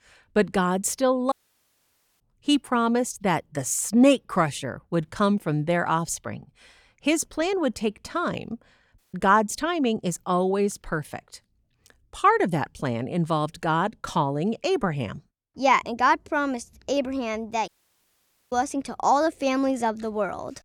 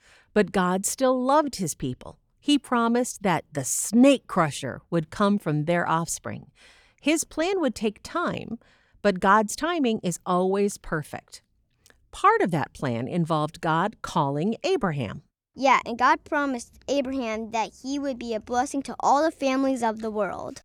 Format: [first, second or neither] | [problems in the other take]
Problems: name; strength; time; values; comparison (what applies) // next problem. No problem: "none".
second | audio cutting out; at 1.5 s for 1 s, at 9 s and at 18 s for 1 s